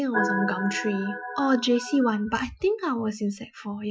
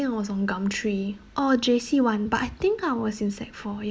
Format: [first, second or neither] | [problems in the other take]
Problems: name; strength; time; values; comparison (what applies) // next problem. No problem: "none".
second | noise reduction (classical method Wiener filter)